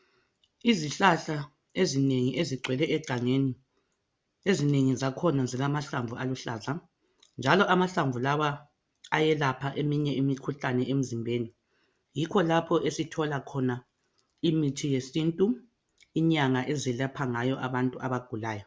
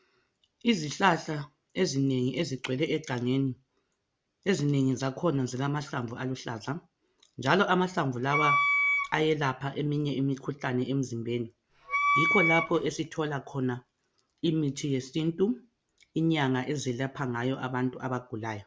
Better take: first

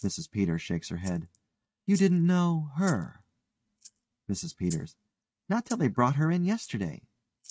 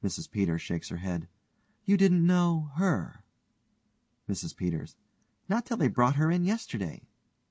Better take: second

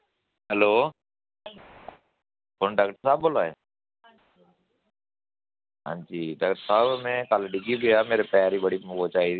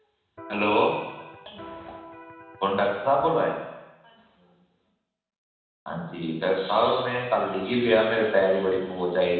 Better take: first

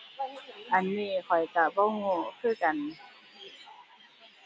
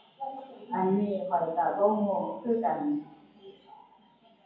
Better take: first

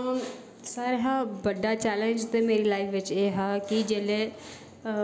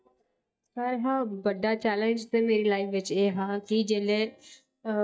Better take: first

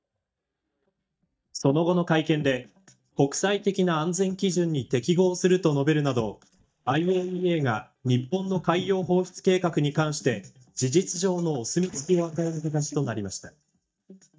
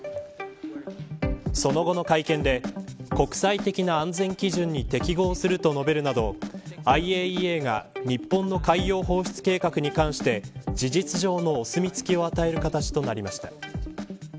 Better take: second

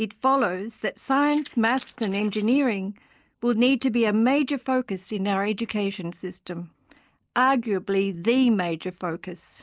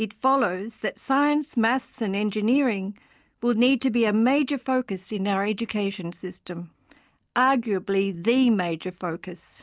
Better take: second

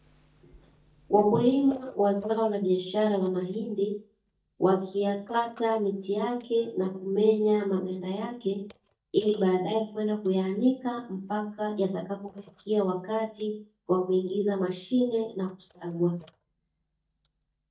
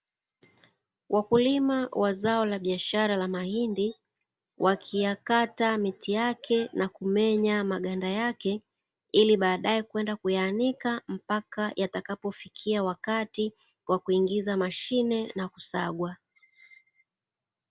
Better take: second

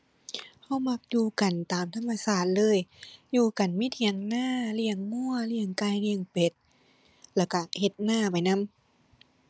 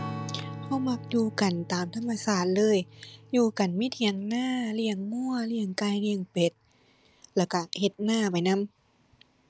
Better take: first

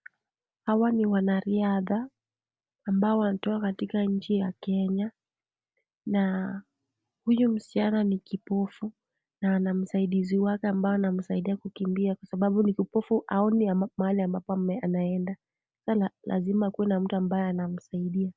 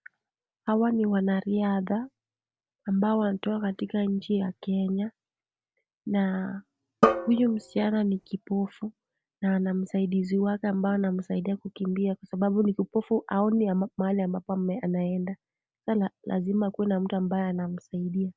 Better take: first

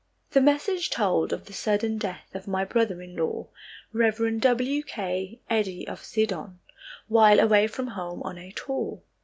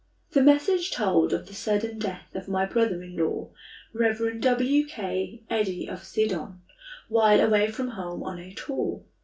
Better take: first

